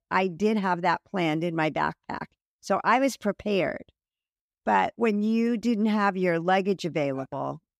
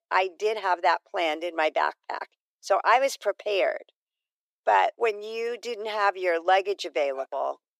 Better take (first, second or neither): first